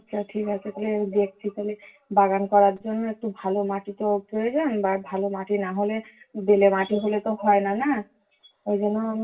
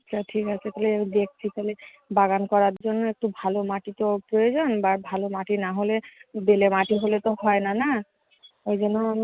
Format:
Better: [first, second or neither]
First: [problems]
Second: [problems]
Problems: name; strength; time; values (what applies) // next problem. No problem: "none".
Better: second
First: room echo; dies away in 0.2 s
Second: none